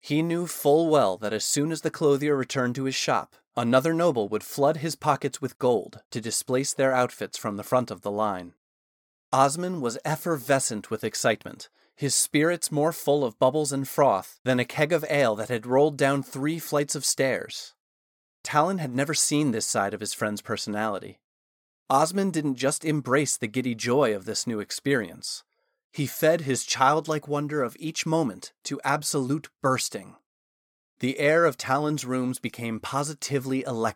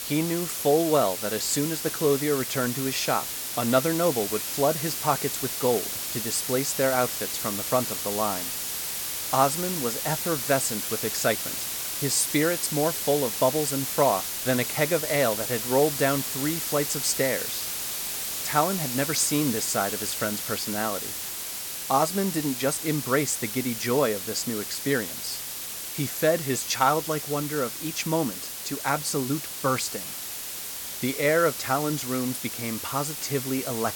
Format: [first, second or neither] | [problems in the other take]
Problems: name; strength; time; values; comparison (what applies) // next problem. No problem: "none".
first | hiss; loud; throughout; 3 dB below the speech